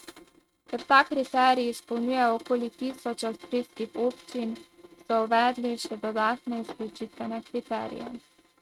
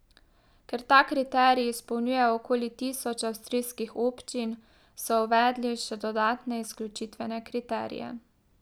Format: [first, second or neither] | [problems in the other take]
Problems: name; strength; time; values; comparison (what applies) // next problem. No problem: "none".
second | noise reduction (neural mask model RNNoise)